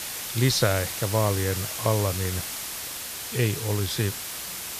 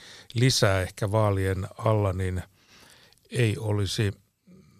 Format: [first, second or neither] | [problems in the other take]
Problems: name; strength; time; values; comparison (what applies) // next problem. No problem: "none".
second | hiss; loud; throughout; 4 dB below the speech